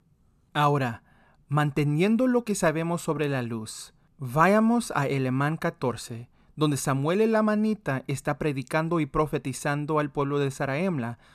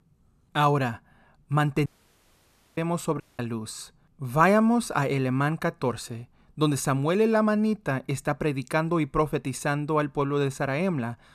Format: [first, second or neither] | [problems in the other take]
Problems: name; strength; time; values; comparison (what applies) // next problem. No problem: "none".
first | audio cutting out; at 2 s for 1 s and at 3 s